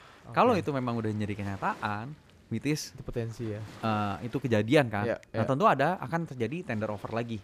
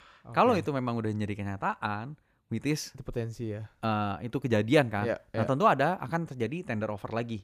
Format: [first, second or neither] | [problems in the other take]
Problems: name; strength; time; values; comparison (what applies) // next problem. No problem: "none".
second | rain or running water; faint; throughout; 25 dB below the speech